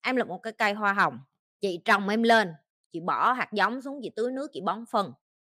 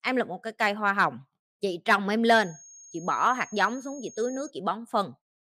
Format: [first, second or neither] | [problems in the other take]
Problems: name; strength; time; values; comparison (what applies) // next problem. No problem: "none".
first | high-pitched whine; noticeable; from 2.5 to 4.5 s; 6.5 kHz, 20 dB below the speech